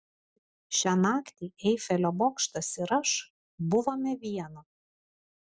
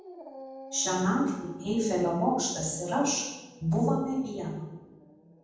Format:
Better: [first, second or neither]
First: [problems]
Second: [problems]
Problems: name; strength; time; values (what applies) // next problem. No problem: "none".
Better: first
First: none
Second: background sound (Dog); 18 dB below the speech // room echo; dies away in 1.2 s